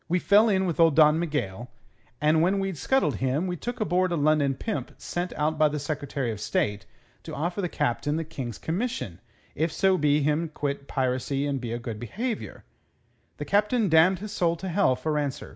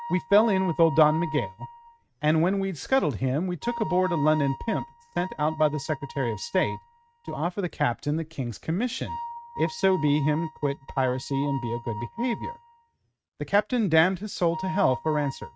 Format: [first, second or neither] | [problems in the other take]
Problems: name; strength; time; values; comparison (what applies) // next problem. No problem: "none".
first | noise reduction (neural mask model RNNoise)